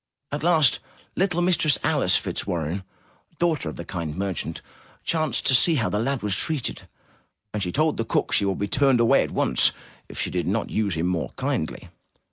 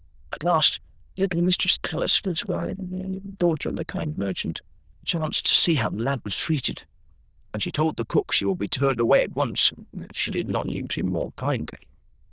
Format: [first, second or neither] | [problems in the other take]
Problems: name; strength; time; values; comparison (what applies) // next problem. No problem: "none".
first | noise reduction (neural diffusion model UNIVERSE++)